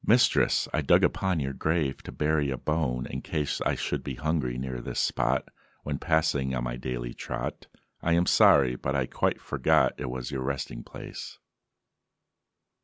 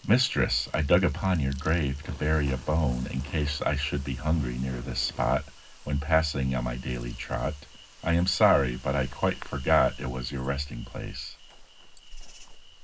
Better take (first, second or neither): first